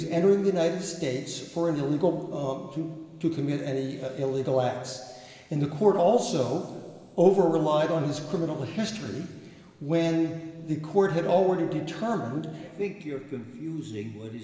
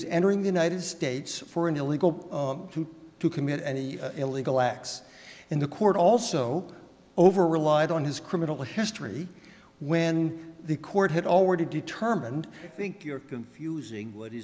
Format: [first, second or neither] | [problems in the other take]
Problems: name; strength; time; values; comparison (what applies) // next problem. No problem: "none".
second | room echo; dies away in 2.1 s